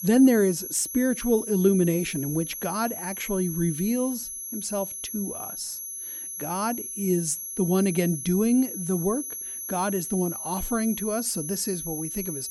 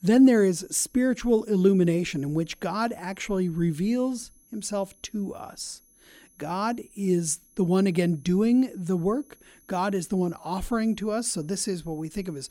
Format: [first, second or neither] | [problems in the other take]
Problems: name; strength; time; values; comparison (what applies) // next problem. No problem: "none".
second | high-pitched whine; loud; throughout; 11.5 kHz, 6 dB below the speech; faint in the second